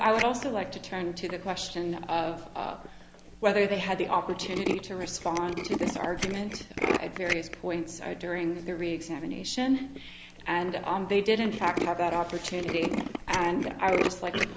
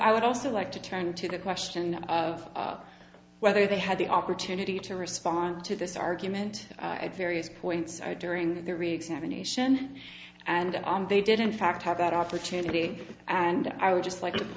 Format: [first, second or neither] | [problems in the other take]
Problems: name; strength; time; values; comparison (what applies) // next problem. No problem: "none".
second | background sound (Tools); 6 dB below the speech